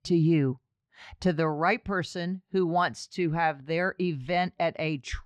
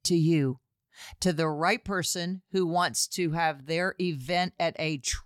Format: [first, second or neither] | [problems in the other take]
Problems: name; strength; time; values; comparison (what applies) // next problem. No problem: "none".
second | muffled; slightly; fading above 3 kHz